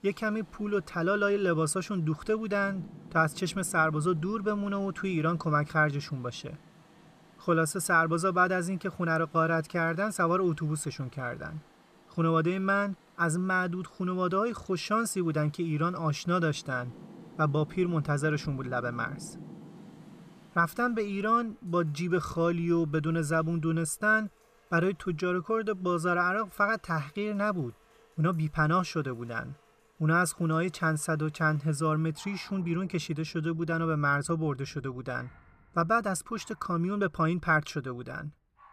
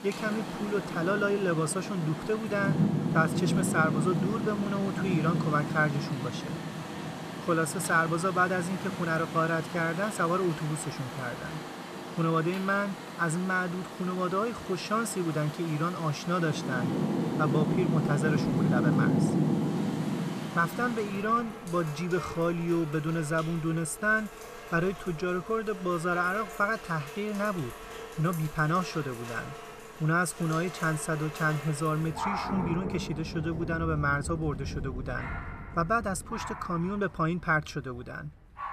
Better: first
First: rain or running water; faint; throughout; 25 dB below the speech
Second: rain or running water; loud; throughout; 4 dB below the speech

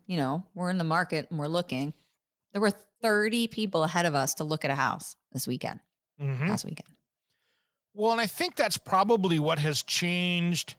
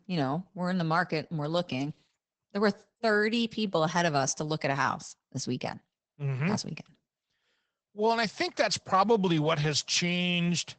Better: first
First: garbled, watery; slightly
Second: garbled, watery; badly; nothing above 7.5 kHz

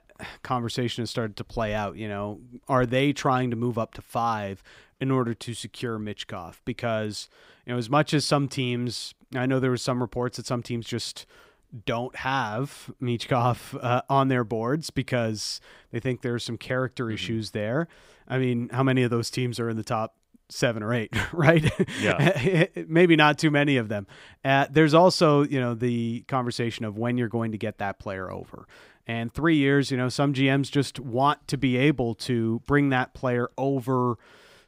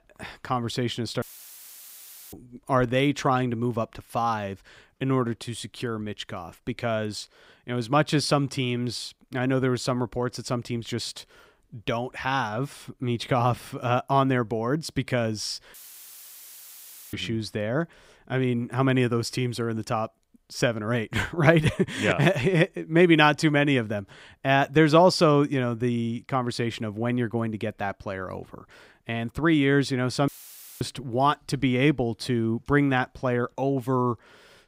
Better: first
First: none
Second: audio cutting out; filled with static; at 1 s for 1 s, at 16 s for 1.5 s and at 30 s for 0.5 s

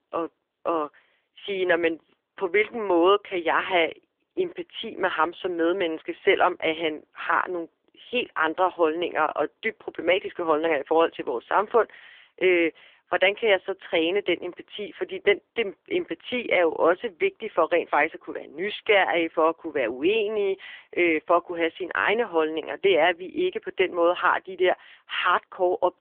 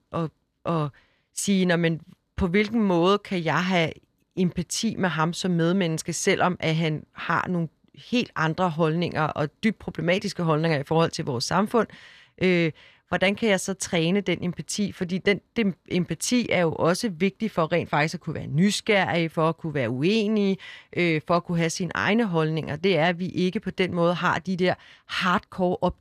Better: second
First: phone-call audio; nothing above 3.5 kHz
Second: none

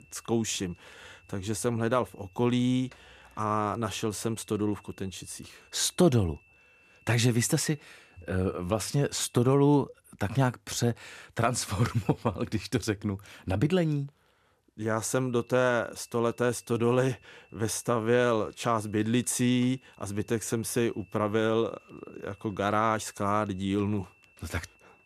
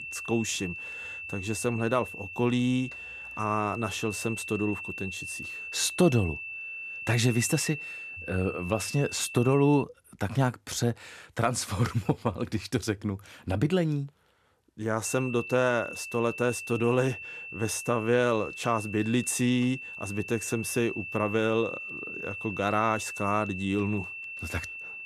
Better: first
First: high-pitched whine; faint; until 10 s and from 15 s on; 2.5 kHz, 30 dB below the speech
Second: high-pitched whine; loud; until 10 s and from 15 s on; 2.5 kHz, 8 dB below the speech

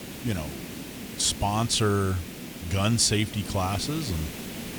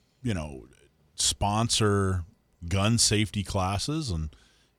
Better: second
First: hiss; noticeable; throughout; 10 dB below the speech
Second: none

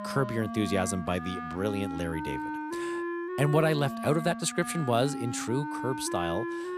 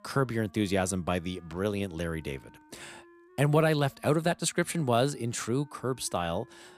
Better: second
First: background music; loud; throughout; 6 dB below the speech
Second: background music; faint; throughout; 30 dB below the speech

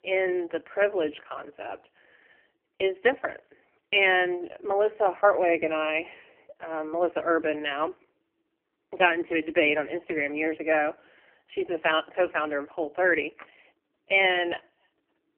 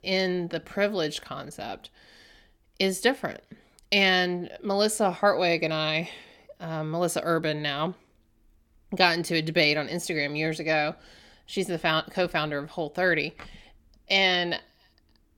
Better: second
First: phone-call audio; poor line; nothing above 3 kHz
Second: none

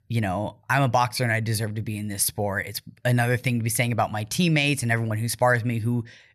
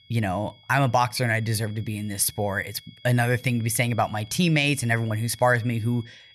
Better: first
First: none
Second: high-pitched whine; faint; throughout; 3.5 kHz, 25 dB below the speech

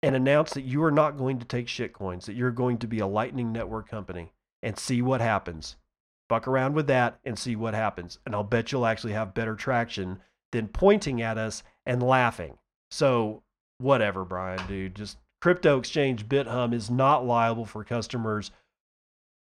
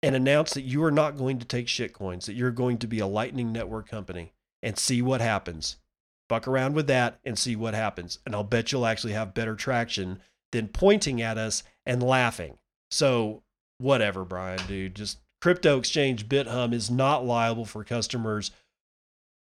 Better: second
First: muffled; slightly; fading above 3 kHz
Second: none

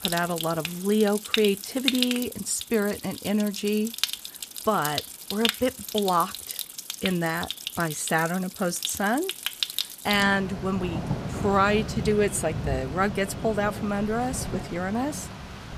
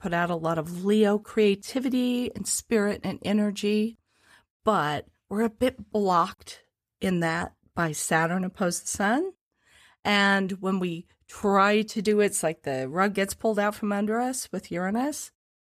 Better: second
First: rain or running water; loud; throughout; 6 dB below the speech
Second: none

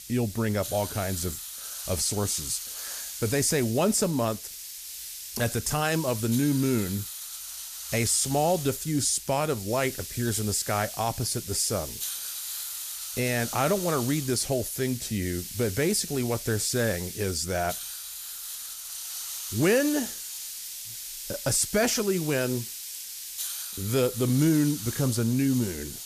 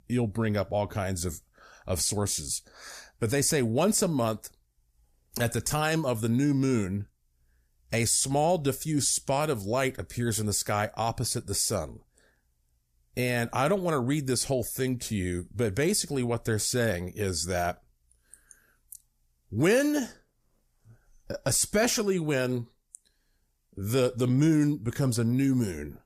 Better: second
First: hiss; loud; throughout; 8 dB below the speech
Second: none

